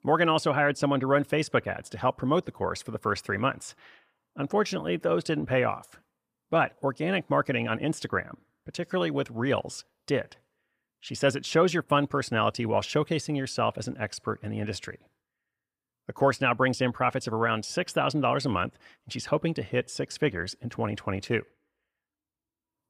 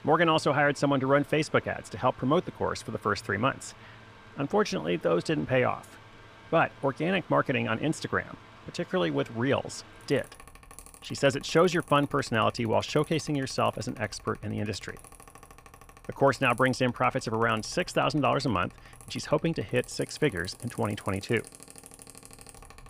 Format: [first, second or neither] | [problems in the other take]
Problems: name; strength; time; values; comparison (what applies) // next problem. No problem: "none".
first | machinery noise; faint; throughout; 20 dB below the speech